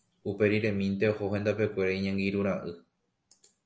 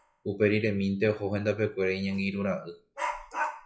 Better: first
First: none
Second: noise reduction (classical method log-MMSE)

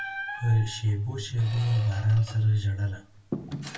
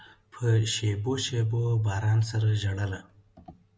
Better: second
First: background sound (Squeak); 13 dB below the speech // room echo; dies away in 0.1 s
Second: none

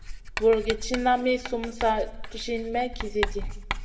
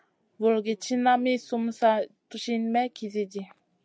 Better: second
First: background sound (Writing); 7 dB below the speech // room echo; dies away in 0.8 s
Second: none

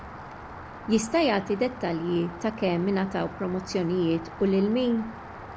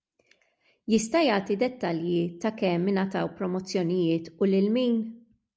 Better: second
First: background sound (Rain); 14 dB below the speech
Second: none

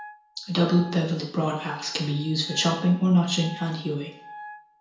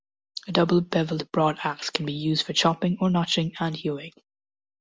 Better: second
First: background sound (Wind instrument, woodwind instrument); 19 dB below the speech // room echo; dies away in 0.5 s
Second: none

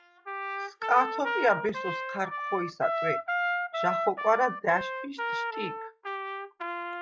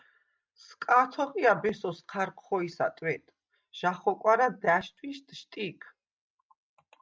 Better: second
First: noise reduction (classical method log-MMSE)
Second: none

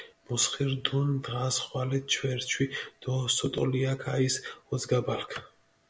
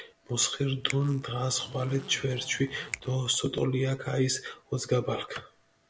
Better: first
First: none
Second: background sound (Zipper (clothing) + Finger snapping); 16 dB below the speech

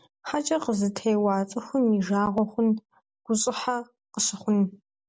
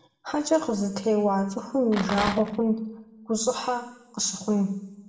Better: first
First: none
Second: background sound (Rattle); 6 dB below the speech // room echo; dies away in 0.8 s

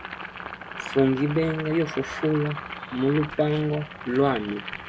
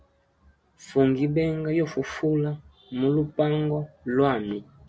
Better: second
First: background sound (Boiling); 11 dB below the speech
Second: none

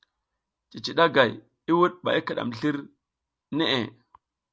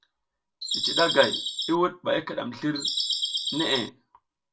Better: first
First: none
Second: background sound (Bird vocalization, bird call, bird song); as loud as the speech // room echo; dies away in 0.2 s

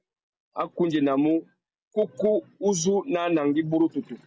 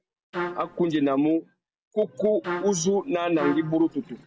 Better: first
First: none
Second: background sound (Trumpet); 9 dB below the speech

